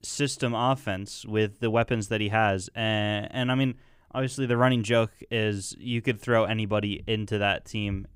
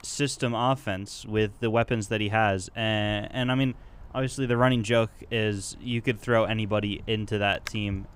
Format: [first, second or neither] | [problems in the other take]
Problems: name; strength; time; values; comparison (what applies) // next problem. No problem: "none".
first | wind noise on the microphone; occasional gusts; 25 dB below the speech